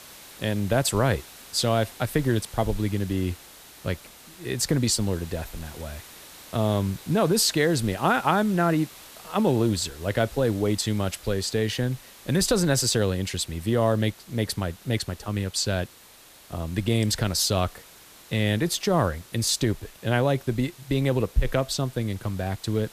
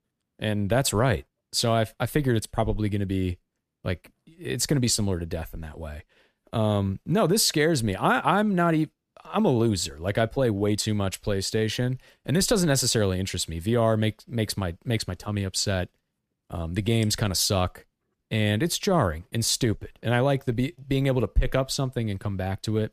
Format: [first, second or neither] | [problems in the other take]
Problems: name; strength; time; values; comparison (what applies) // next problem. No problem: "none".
second | hiss; noticeable; throughout; 20 dB below the speech